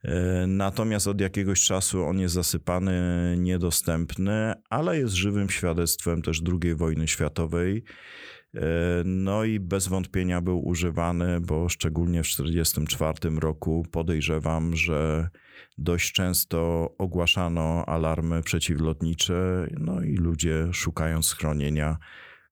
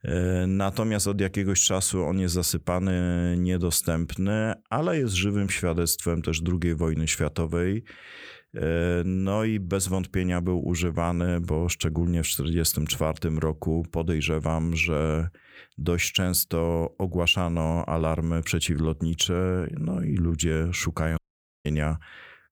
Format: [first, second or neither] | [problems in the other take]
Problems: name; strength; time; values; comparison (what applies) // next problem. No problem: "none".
first | audio cutting out; at 21 s